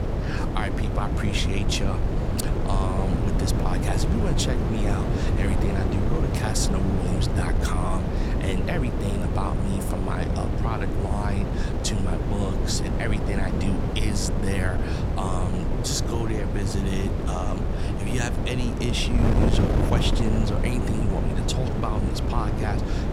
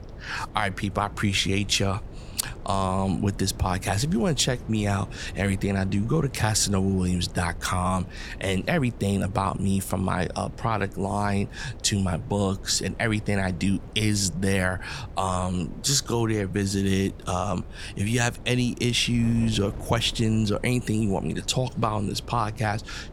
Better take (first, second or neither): second